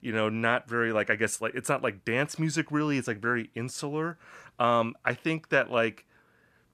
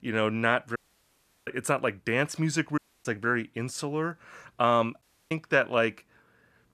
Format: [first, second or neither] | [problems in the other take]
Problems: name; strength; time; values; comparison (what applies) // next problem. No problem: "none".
first | audio cutting out; at 1 s for 0.5 s, at 3 s and at 5 s